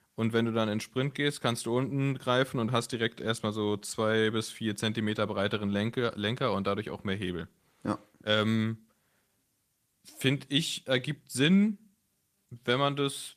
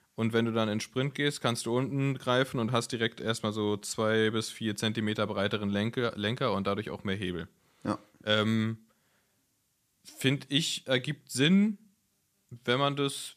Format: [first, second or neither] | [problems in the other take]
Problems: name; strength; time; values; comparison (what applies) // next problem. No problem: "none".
second | garbled, watery; slightly; nothing above 14.5 kHz